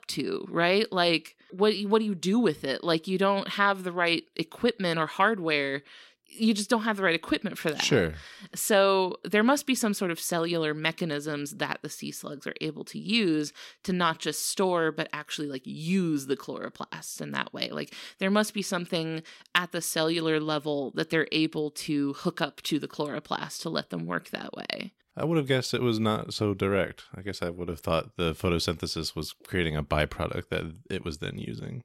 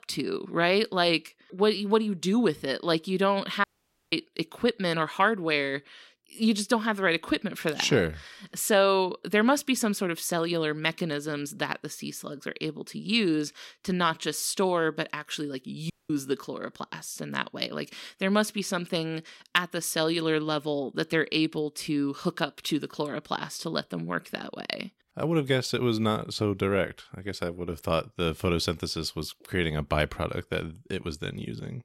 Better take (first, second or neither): first